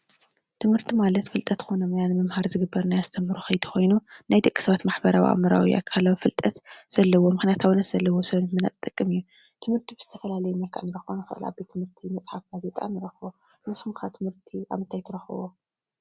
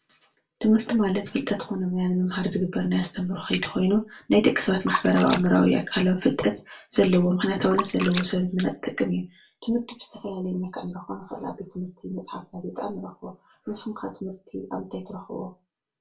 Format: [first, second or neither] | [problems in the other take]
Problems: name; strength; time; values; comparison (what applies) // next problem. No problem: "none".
first | background sound (Splash, splatter); 10 dB below the speech // room echo; dies away in 0.2 s